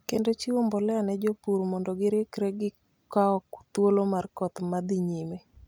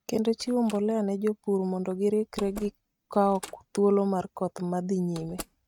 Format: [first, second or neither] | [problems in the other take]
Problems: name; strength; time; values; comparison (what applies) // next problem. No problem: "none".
first | noise reduction (neural mask model RNNoise)